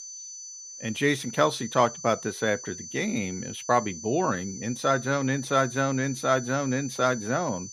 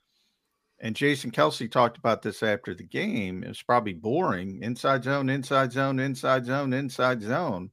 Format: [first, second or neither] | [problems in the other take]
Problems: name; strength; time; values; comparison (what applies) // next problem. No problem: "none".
second | high-pitched whine; noticeable; throughout; 6 kHz, 10 dB below the speech